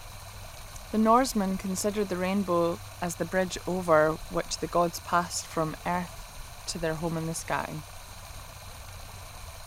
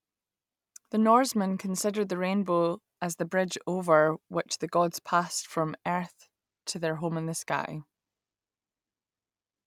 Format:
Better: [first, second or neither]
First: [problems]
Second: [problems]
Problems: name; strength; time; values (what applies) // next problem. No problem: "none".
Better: second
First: background sound (Stream); 13 dB below the speech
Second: none